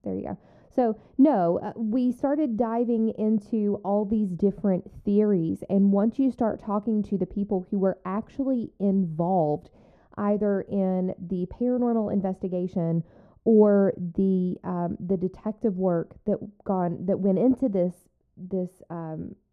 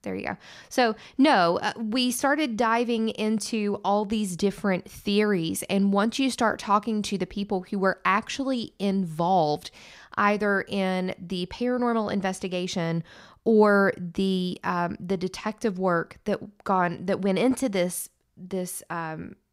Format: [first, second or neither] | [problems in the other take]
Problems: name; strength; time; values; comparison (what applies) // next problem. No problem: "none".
second | muffled; very; fading above 1 kHz